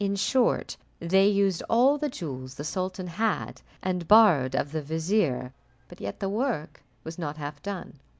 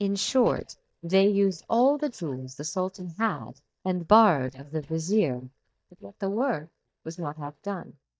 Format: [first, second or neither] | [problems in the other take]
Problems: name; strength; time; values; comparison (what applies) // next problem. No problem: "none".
first | noise reduction (neural mask model DeepFilterNet 3)